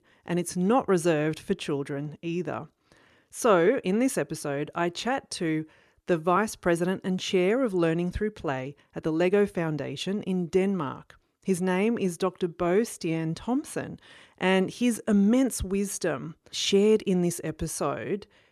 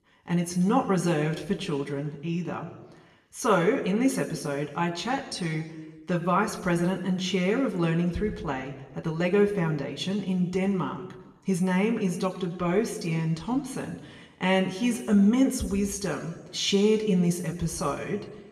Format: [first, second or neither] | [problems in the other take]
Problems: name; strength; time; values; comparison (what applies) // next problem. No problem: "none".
first | room echo; slight; dies away in 0.9 s // off-mic speech; somewhat distant